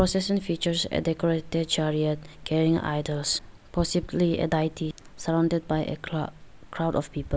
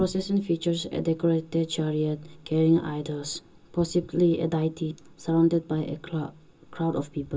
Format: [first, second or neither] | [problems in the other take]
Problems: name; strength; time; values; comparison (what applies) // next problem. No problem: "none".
first | room echo; dies away in 0.2 s